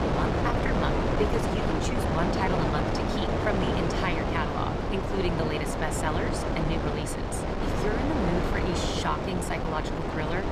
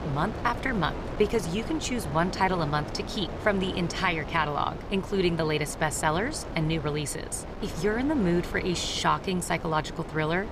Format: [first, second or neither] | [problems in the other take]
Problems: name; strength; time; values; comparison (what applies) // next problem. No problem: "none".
second | wind noise on the microphone; heavy; 3 dB above the speech; occasional gusts in the second